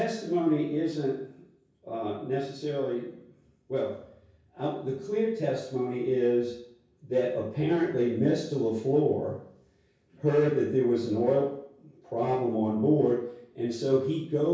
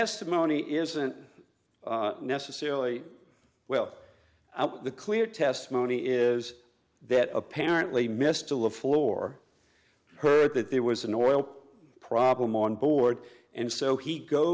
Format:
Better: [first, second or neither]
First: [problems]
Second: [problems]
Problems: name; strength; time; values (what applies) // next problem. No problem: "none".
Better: second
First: room echo; dies away in 0.6 s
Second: none